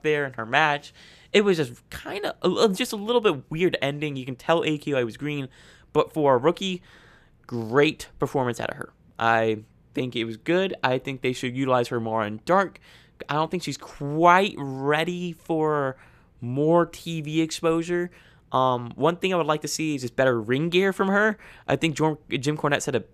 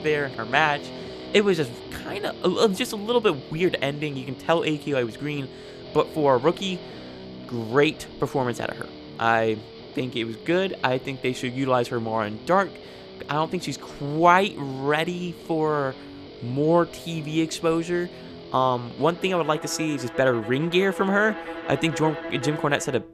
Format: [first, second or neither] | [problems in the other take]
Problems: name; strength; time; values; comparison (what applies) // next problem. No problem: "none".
first | background music; noticeable; throughout; 15 dB below the speech